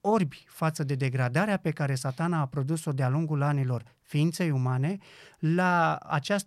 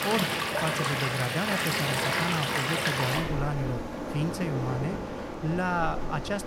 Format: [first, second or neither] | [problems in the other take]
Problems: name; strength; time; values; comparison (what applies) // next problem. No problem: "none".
first | rain or running water; very loud; throughout; 2 dB above the speech